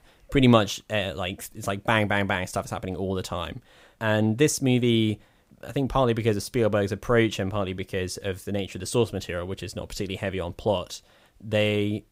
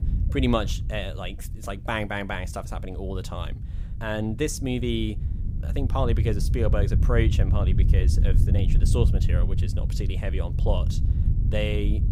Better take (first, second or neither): first